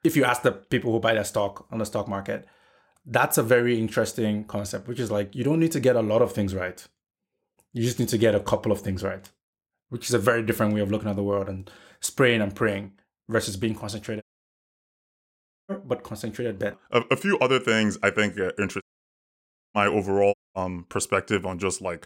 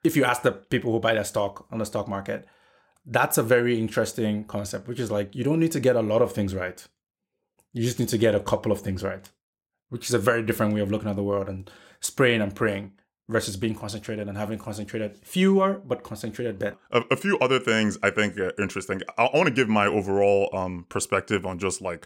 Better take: second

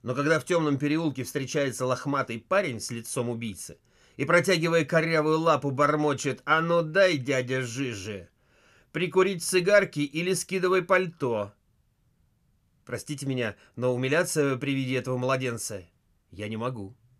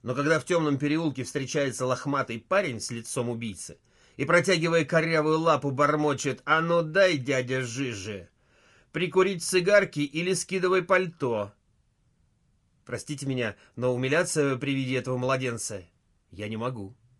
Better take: first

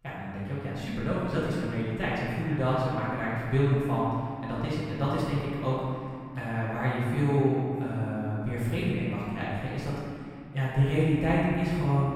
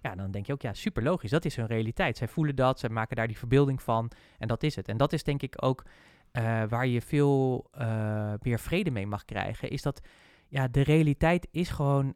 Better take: second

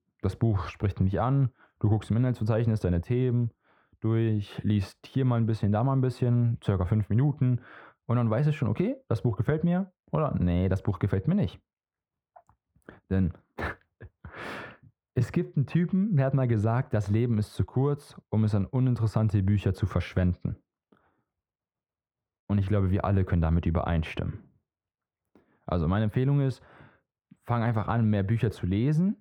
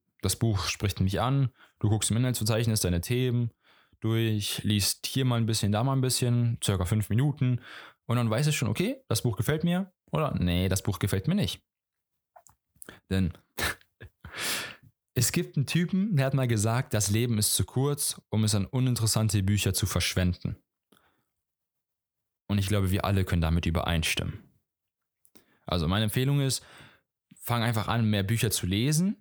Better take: second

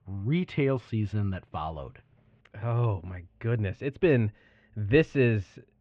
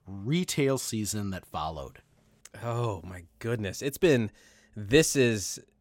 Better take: second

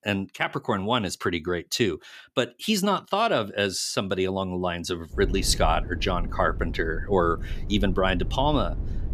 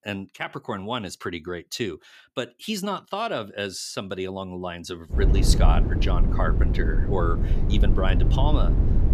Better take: first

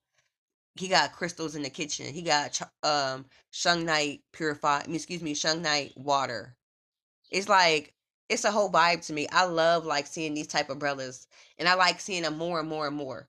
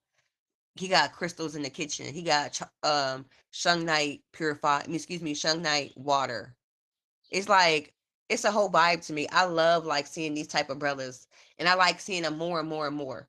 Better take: first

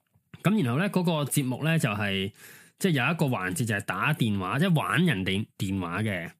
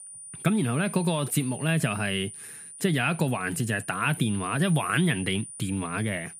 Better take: first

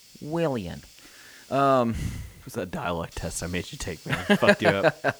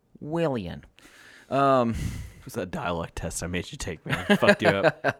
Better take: second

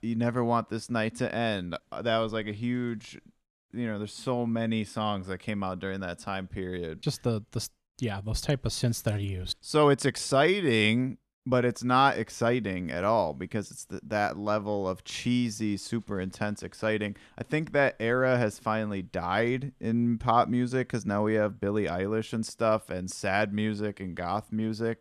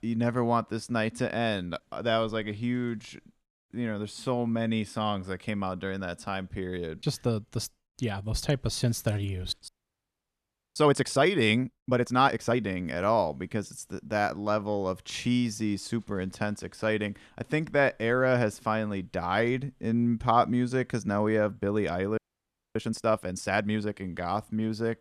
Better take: first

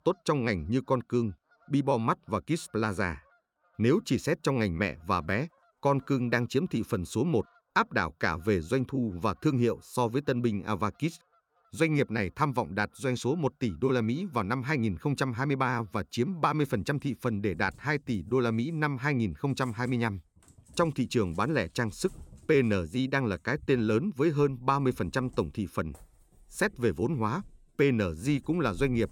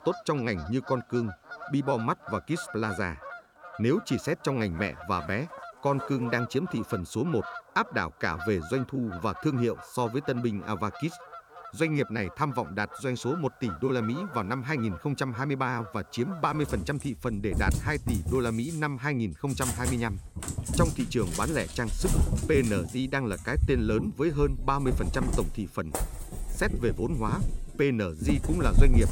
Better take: first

